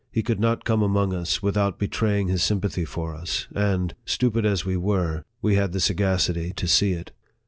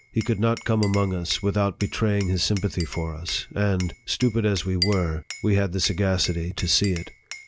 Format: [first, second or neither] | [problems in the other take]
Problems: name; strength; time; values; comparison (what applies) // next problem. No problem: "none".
first | background sound (Glass); 15 dB below the speech